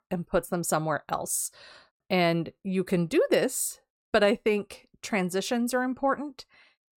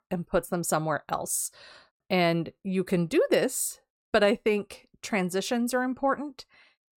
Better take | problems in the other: neither | none

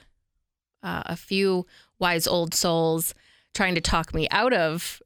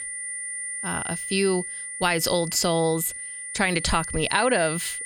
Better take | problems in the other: first | high-pitched whine; loud; throughout; 9.5 kHz, 7 dB below the speech

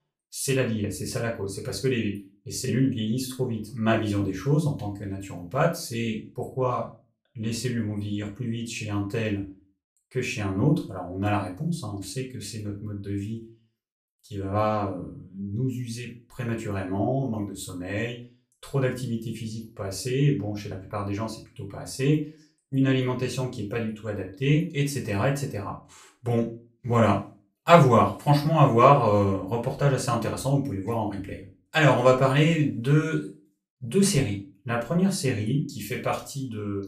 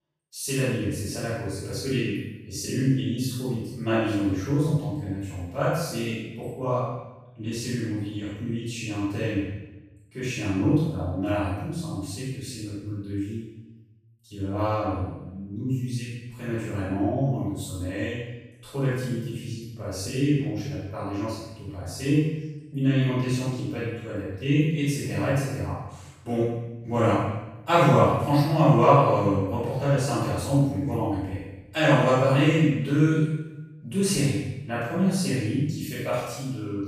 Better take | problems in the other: first | room echo; strong; dies away in 0.9 s; slight in the first // off-mic speech; far; far in the first

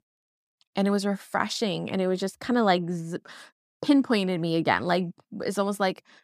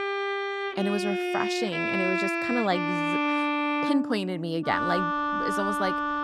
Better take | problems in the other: first | background music; very loud; throughout; 2 dB above the speech

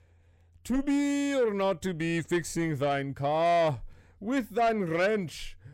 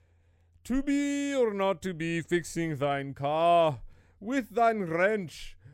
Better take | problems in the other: second | distortion; slight; 10 dB below the speech

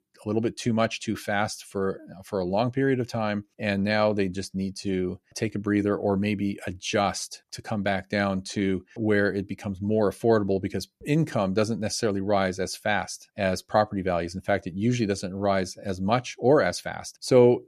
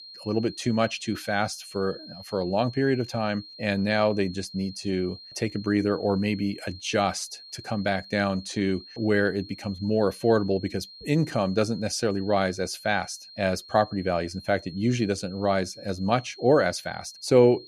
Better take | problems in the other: first | high-pitched whine; noticeable; throughout; 4 kHz, 15 dB below the speech

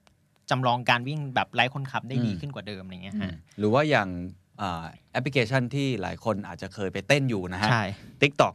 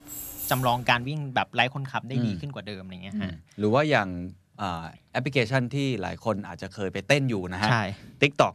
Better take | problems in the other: first | jangling keys; noticeable; until 1 s; peak 6 dB below the speech

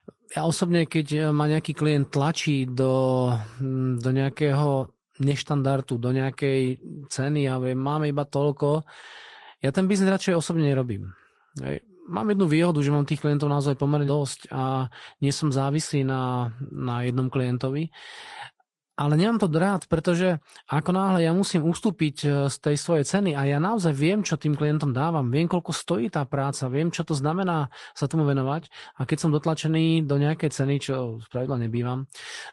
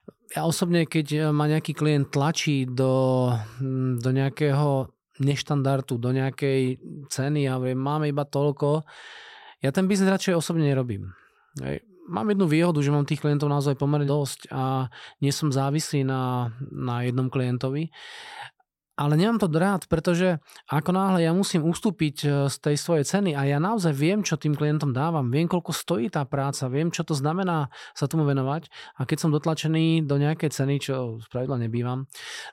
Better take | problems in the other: second | garbled, watery; slightly; nothing above 10.5 kHz

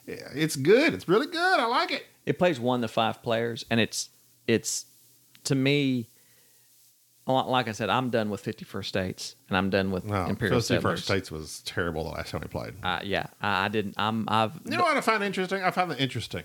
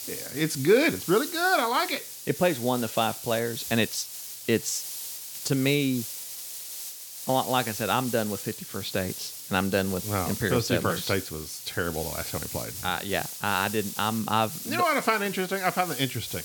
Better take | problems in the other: first | hiss; loud; throughout; 8 dB below the speech; faint in the first

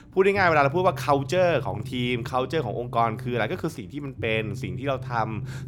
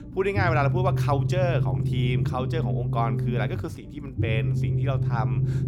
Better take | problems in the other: first | low rumble; loud; throughout; 8 dB below the speech; faint in the first

